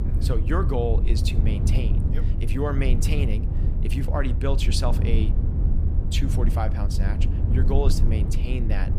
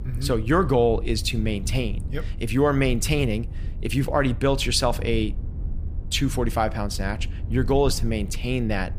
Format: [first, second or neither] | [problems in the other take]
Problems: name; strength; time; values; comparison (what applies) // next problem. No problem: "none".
second | low rumble; loud; throughout; 6 dB below the speech; faint in the second